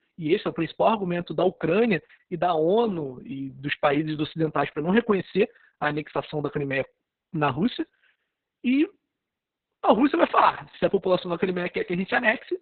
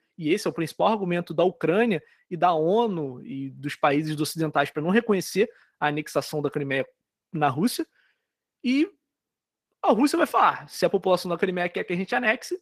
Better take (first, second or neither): second